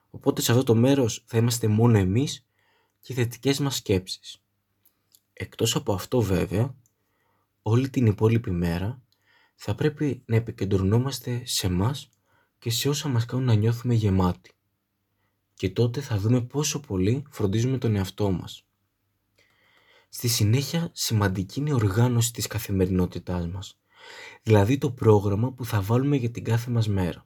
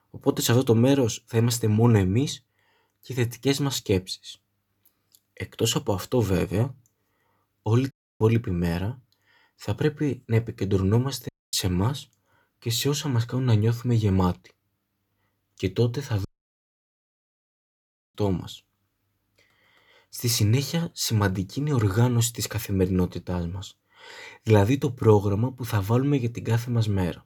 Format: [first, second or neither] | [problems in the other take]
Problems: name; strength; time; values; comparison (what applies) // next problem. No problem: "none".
first | audio cutting out; at 8 s, at 11 s and at 16 s for 2 s